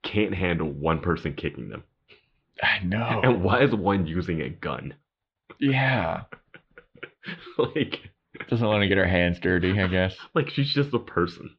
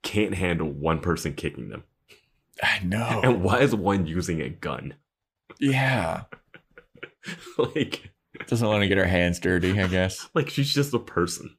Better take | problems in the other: second | muffled; very slightly; fading above 4 kHz

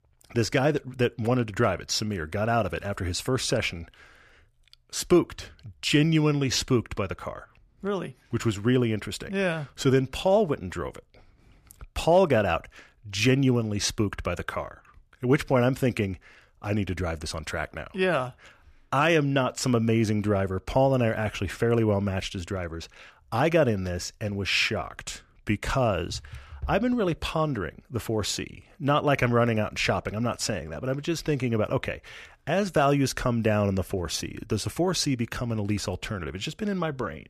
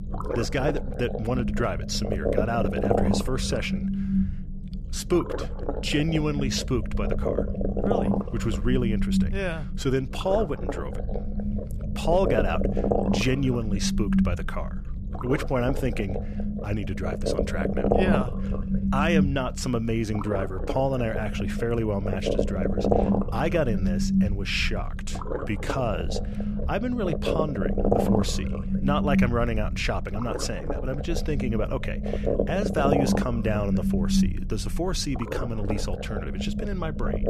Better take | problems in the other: first | low rumble; loud; throughout; 2 dB below the speech

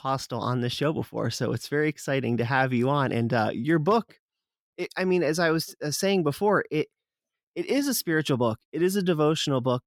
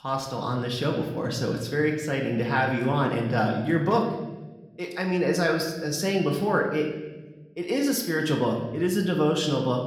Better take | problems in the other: first | room echo; slight; dies away in 1 s // off-mic speech; somewhat distant

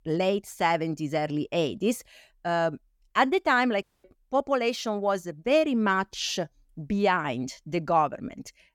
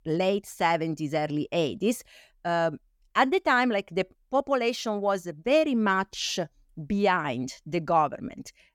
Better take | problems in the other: second | audio cutting out; at 4 s

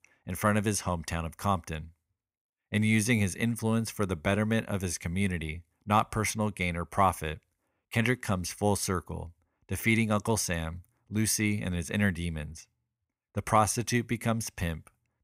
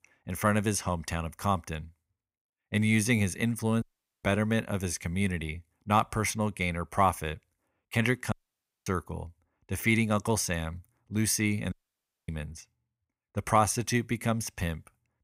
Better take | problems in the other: first | audio cutting out; at 4 s, at 8.5 s for 0.5 s and at 12 s for 0.5 s

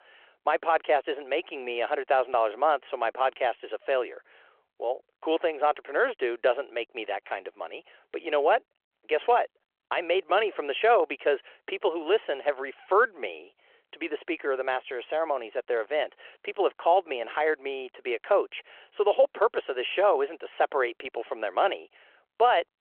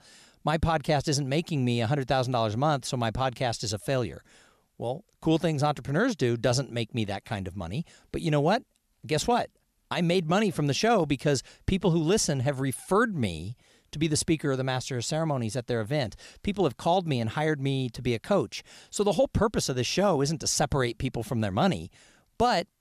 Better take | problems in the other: second | phone-call audio

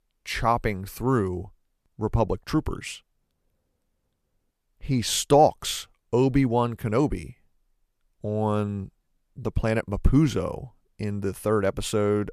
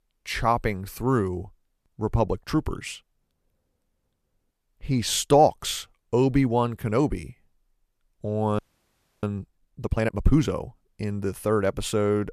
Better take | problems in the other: first | audio freezing; at 8.5 s for 0.5 s

